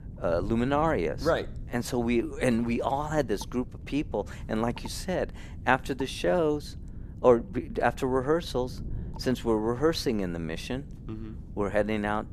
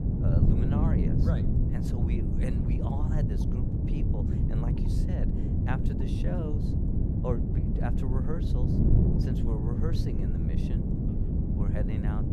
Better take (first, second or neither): first